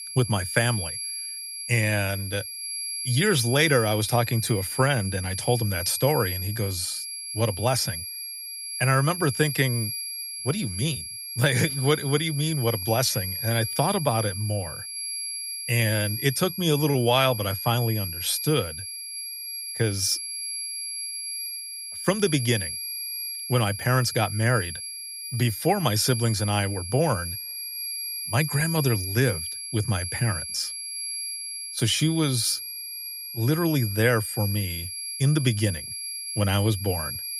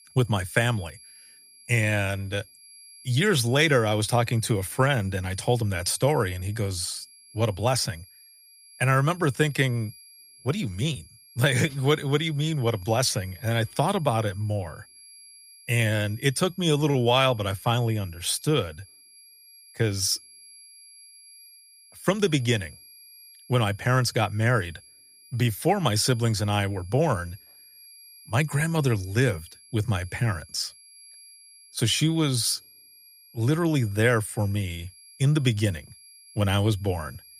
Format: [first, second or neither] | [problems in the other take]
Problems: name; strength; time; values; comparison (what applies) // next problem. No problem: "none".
second | high-pitched whine; loud; throughout; 11 kHz, 6 dB below the speech; faint in the second